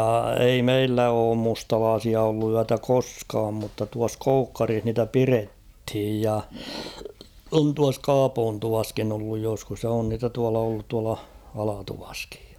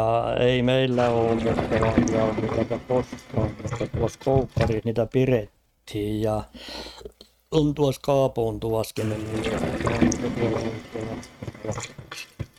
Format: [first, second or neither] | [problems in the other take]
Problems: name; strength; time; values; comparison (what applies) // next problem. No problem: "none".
first | noise reduction (neural mask model RNNoise)